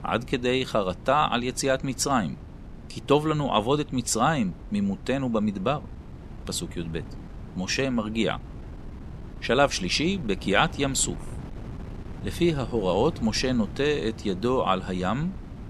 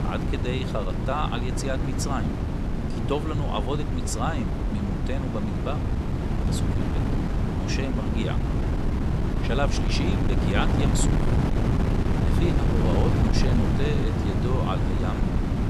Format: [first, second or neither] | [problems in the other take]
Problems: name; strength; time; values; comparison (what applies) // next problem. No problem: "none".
first | wind noise on the microphone; heavy; 1 dB below the speech; occasional gusts in the first